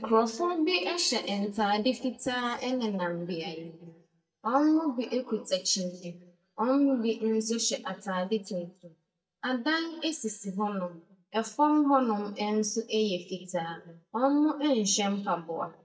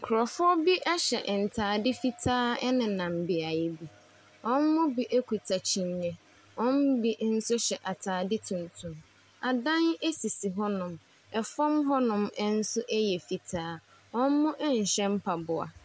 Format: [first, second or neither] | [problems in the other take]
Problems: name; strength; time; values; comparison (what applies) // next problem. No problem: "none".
second | noise reduction (neural mask model DeepFilterNet 3)